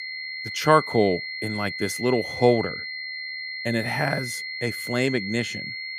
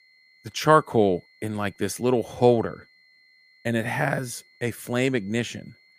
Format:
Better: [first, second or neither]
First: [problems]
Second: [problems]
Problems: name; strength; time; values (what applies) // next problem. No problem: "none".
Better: second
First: high-pitched whine; loud; throughout; 2 kHz, 6 dB below the speech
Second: high-pitched whine; faint; throughout; 2 kHz, 30 dB below the speech